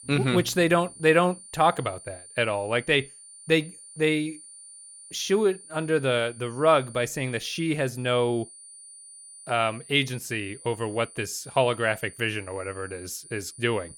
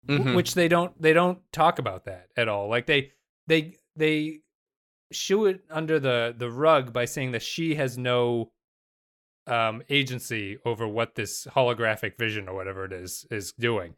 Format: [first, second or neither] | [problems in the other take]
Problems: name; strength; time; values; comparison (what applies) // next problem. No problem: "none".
second | high-pitched whine; noticeable; throughout; 9 kHz, 20 dB below the speech